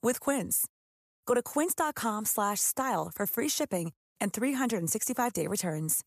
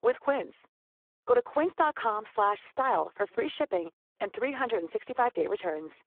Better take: first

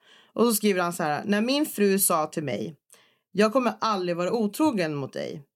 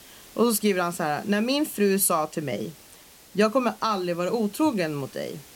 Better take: first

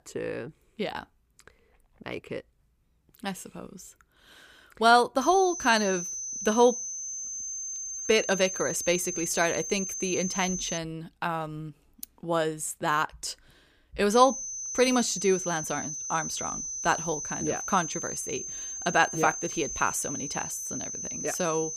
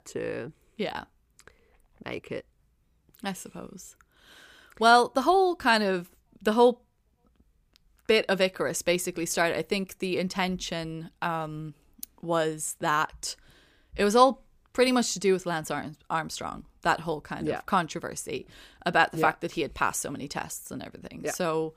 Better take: second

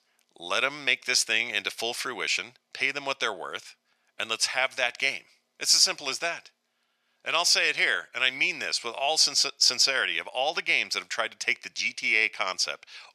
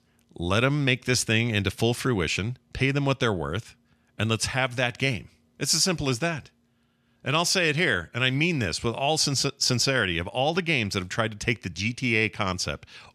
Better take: second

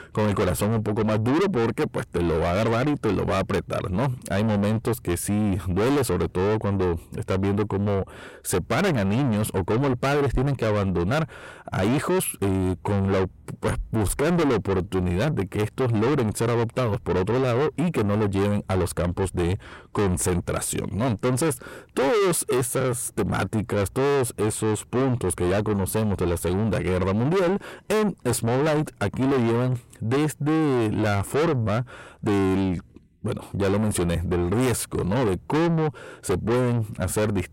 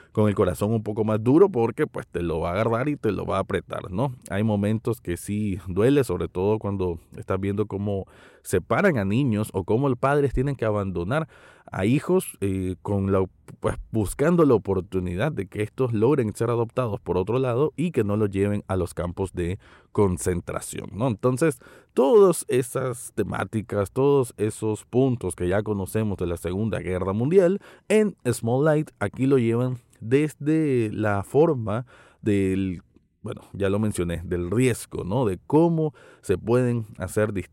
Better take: second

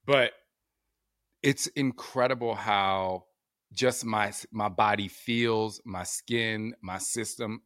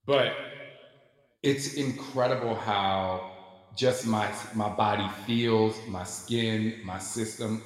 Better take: first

